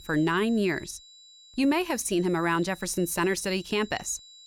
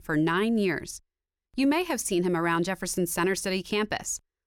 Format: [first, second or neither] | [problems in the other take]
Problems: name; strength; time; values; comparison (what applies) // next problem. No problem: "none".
second | high-pitched whine; faint; throughout; 4 kHz, 20 dB below the speech